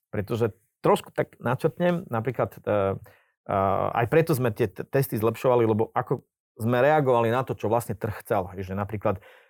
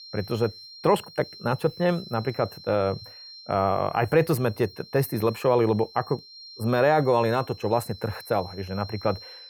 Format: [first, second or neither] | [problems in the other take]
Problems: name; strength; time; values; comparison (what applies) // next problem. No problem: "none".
first | high-pitched whine; noticeable; throughout; 4 kHz, 20 dB below the speech